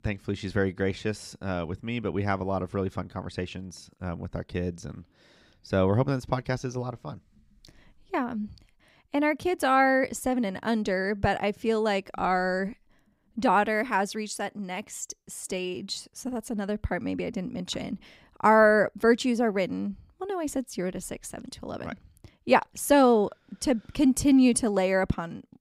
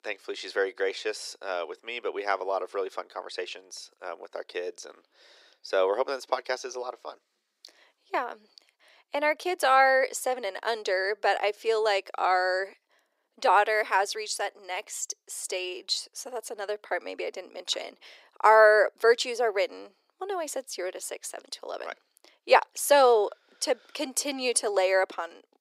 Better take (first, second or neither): first